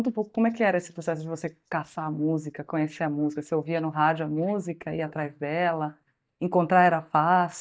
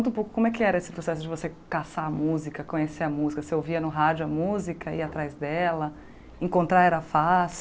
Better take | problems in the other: second | noise reduction (neural mask model DeepFilterNet 3)

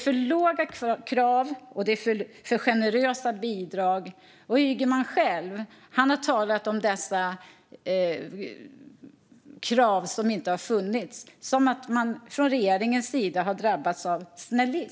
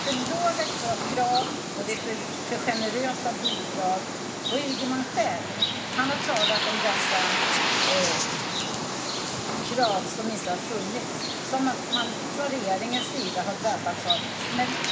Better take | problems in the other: first | background sound (Bird); 1 dB above the speech // room echo; dies away in 2 s

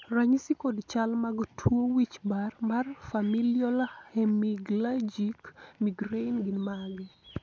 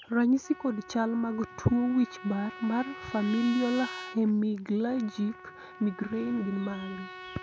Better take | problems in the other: first | background sound (Trumpet); 16 dB below the speech

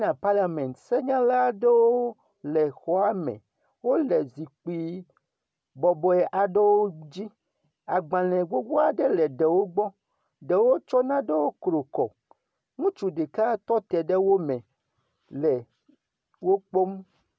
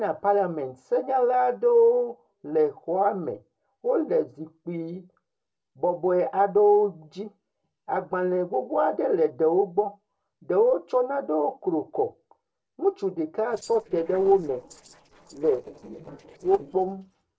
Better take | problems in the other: first | noise reduction (neural separator model SepFormer DNS4)

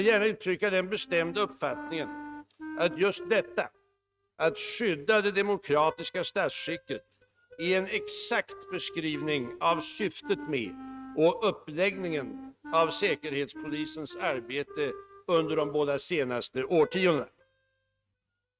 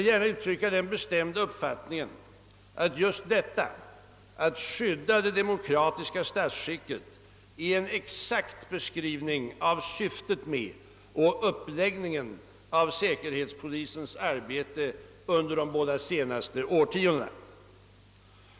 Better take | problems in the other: second | noise reduction (neural mask model RNNoise)

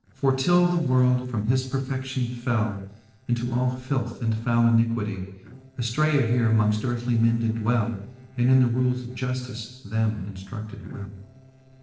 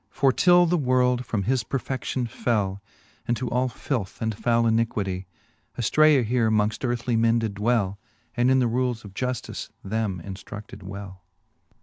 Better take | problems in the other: second | noise reduction (neural separator model SepFormer DNS4)

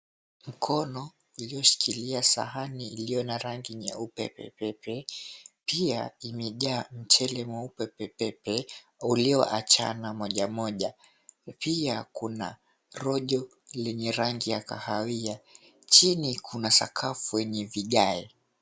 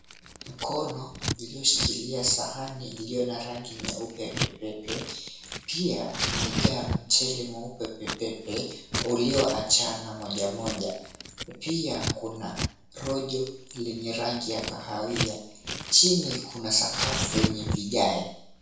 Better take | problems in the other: first | background sound (Scissors); 5 dB below the speech // room echo; dies away in 0.7 s

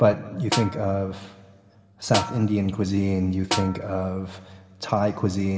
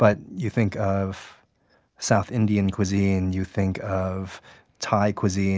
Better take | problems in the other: second | background sound (Snare drum); 8 dB below the speech // room echo; dies away in 1.9 s

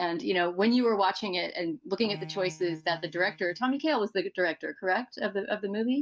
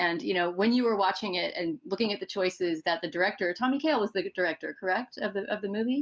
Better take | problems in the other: second | noise reduction (neural mask model DeepFilterNet 3)

